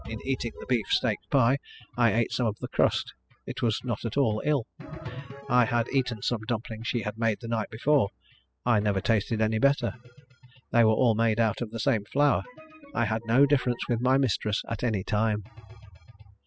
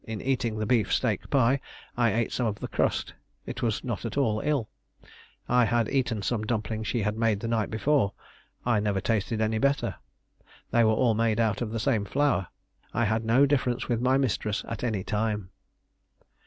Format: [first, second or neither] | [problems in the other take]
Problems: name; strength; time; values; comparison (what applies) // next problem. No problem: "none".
second | noise reduction (classical method spectral subtraction)